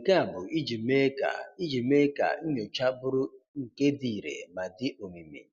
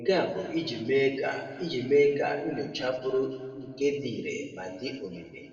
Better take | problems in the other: first | room echo; dies away in 1.9 s

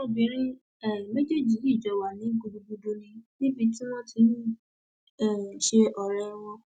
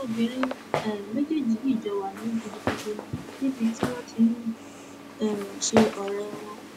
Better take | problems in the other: first | background sound (Walk, footsteps); 6 dB below the speech

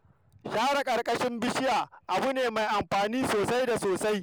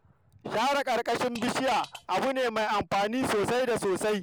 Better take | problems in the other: first | background sound (Fart); 17 dB below the speech

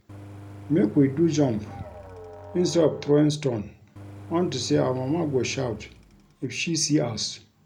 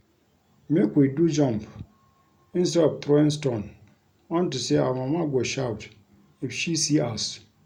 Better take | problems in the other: second | background sound (Engine + Musical instrument); 17 dB below the speech

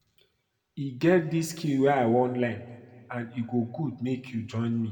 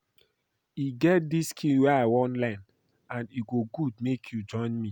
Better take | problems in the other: second | room echo; dies away in 1.1 s

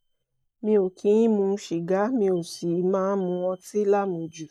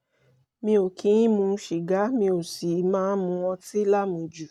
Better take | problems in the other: second | noise reduction (neural mask model DeepFilterNet 3)

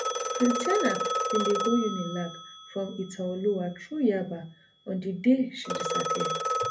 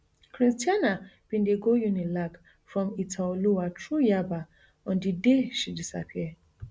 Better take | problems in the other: second | background sound (Telephone); 3 dB below the speech // room echo; dies away in 0.3 s

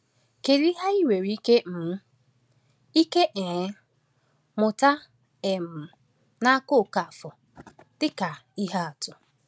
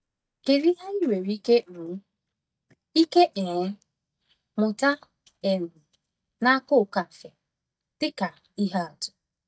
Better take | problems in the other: first | noise reduction (neural mask model DeepFilterNet 3)

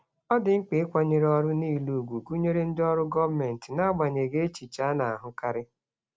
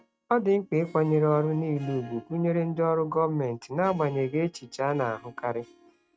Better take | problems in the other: first | noise reduction (neural mask model RNNoise)

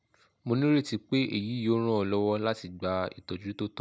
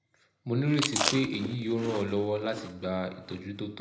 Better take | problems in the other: first | background sound (Chewing, mastication); 5 dB below the speech // room echo; dies away in 0.7 s

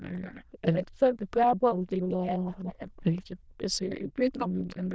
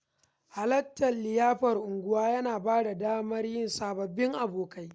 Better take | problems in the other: second | noise reduction (neural diffusion model UNIVERSE++)

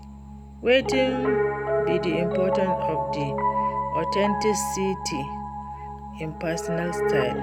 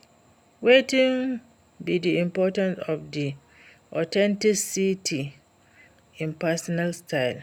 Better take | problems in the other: second | background sound (Piano); 1 dB above the speech

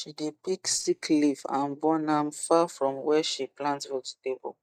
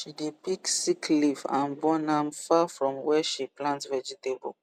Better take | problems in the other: second | noise reduction (neural mask model DeepFilterNet 3)

